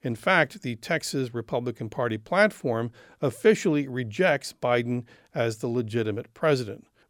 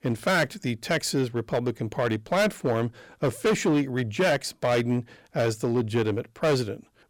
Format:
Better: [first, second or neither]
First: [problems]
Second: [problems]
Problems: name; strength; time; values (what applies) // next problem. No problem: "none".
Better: first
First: none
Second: distortion; heavy; 9% of the sound clipped